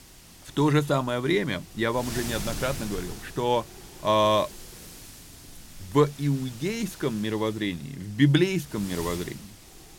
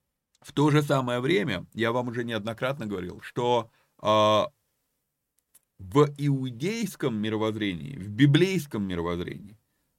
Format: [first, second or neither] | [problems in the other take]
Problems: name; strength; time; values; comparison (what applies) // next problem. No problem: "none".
second | wind noise on the microphone; occasional gusts; 15 dB below the speech